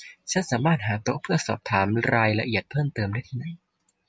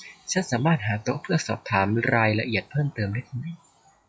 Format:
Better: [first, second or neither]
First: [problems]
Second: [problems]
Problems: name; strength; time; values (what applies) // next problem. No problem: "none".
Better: first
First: none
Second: noise reduction (classical method log-MMSE)